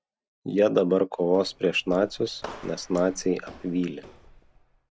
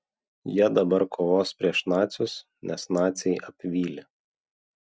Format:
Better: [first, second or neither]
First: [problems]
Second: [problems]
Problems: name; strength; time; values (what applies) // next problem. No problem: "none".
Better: second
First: background sound (Walk, footsteps); 19 dB below the speech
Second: none